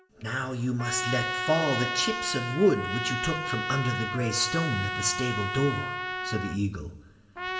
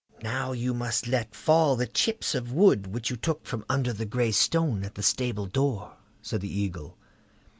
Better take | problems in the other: second | background sound (Trumpet); 4 dB below the speech // room echo; dies away in 1.1 s

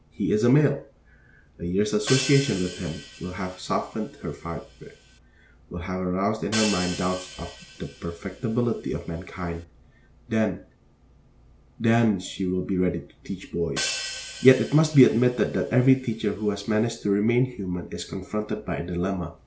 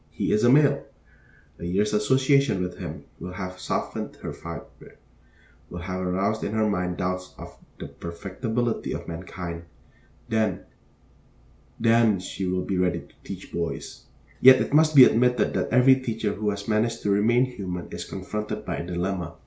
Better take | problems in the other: second | background sound (Hi-hat); 11 dB below the speech

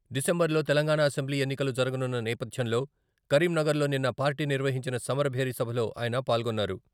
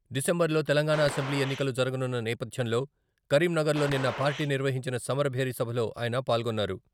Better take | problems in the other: first | background sound (Gunshot, gunfire); 11 dB below the speech

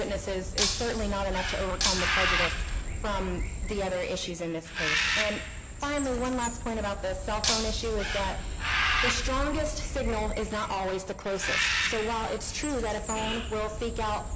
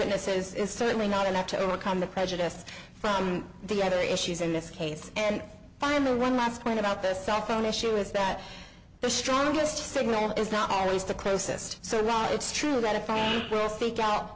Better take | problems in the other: second | background sound (Bird + Shatter); 1 dB above the speech

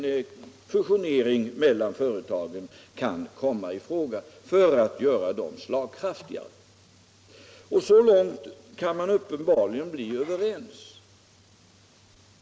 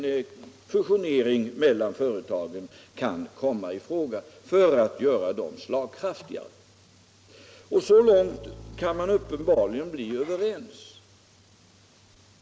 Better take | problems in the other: first | background sound (Bowed string instrument); 19 dB below the speech

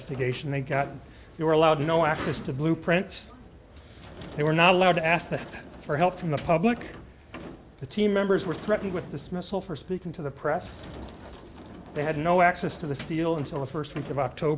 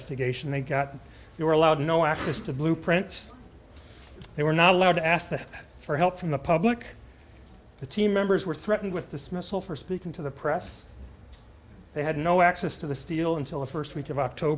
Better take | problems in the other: second | background sound (Sliding door / Slam); 18 dB below the speech

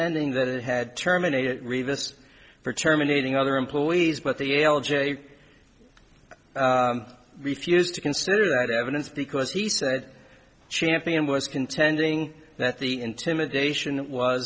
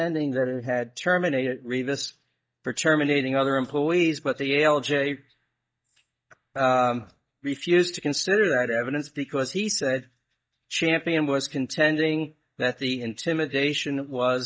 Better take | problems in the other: first | noise reduction (neural mask model DeepFilterNet 3)

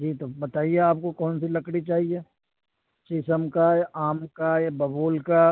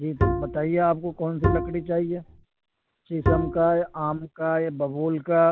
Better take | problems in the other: first | background sound (Bowed string instrument); 3 dB below the speech

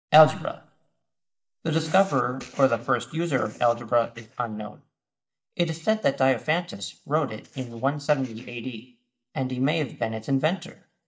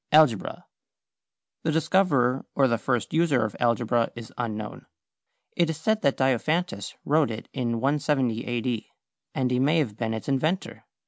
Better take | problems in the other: second | noise reduction (neural mask model DeepFilterNet 3)

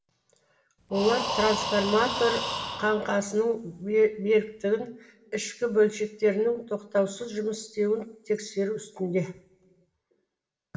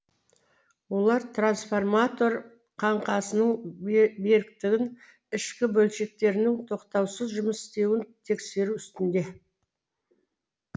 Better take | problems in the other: second | background sound (Breathing); 6 dB below the speech // room echo; dies away in 0.7 s

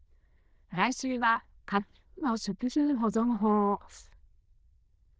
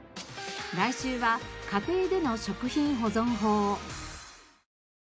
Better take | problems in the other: second | noise reduction (neural diffusion model UNIVERSE++)

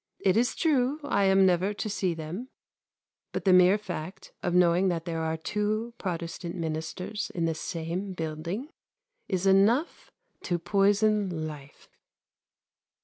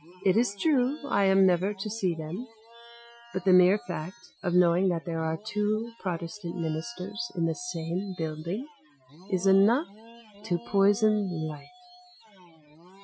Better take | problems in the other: first | noise reduction (classical method Wiener filter)

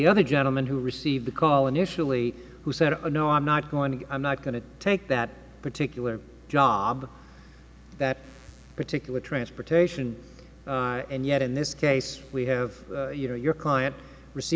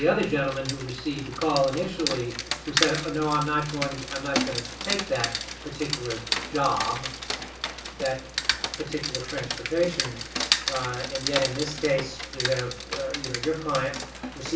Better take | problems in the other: first | background sound (Rain); 3 dB below the speech // room echo; dies away in 0.3 s

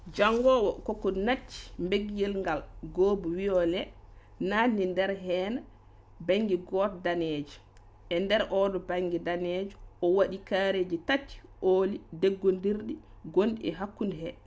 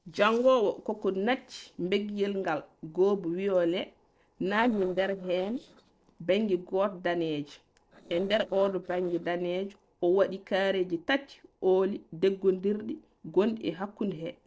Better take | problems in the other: first | noise reduction (neural separator model SepFormer DNS4)

